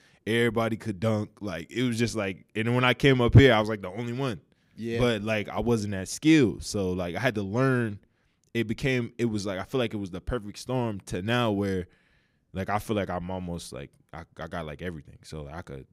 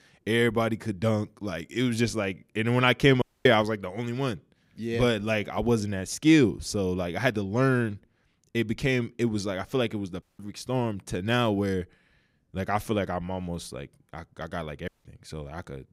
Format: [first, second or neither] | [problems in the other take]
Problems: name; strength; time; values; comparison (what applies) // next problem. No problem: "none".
first | audio cutting out; at 3 s, at 10 s and at 15 s